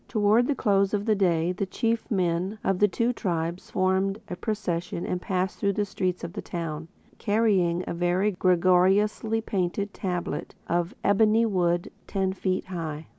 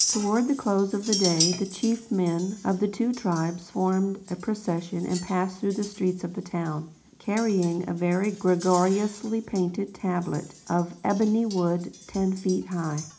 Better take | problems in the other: first | background sound (Chink, clink); 11 dB below the speech // room echo; dies away in 0.4 s

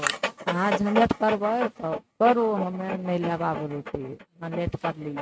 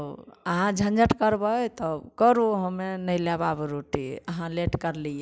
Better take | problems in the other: second | noise reduction (neural mask model RNNoise)

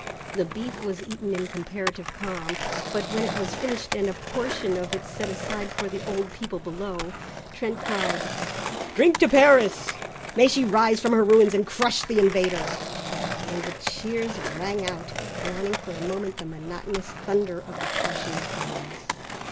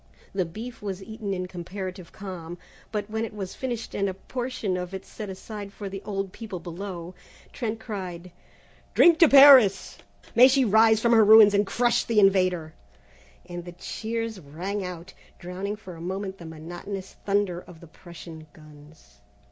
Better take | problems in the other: second | background sound (Skateboard); 7 dB below the speech

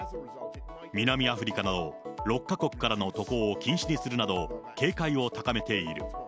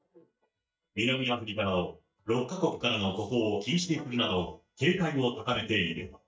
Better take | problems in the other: first | noise reduction (neural mask model DeepFilterNet 3)

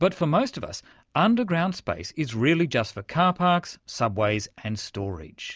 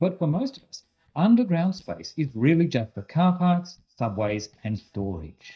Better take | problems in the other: first | noise reduction (neural mask model DeepFilterNet 3)

